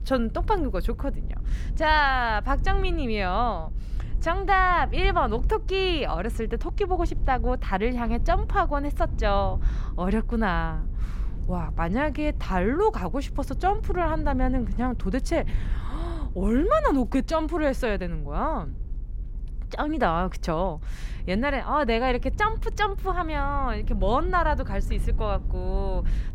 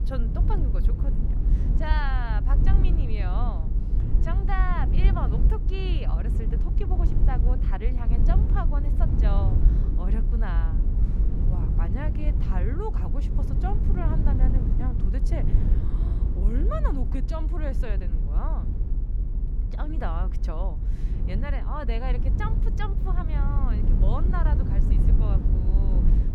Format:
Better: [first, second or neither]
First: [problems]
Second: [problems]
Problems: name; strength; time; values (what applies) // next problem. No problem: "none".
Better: first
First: low rumble; faint; throughout; 25 dB below the speech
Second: low rumble; loud; throughout; 4 dB below the speech